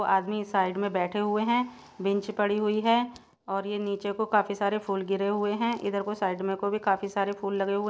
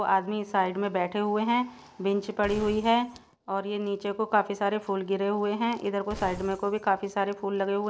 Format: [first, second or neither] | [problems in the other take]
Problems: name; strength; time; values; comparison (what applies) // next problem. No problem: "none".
first | background sound (Glass); 16 dB below the speech